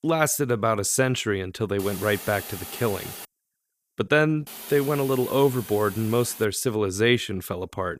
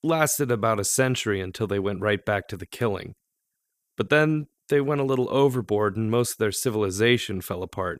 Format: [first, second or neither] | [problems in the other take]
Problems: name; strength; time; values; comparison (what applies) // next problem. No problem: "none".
second | hiss; noticeable; from 2 to 3.5 s and from 4.5 to 6.5 s; 15 dB below the speech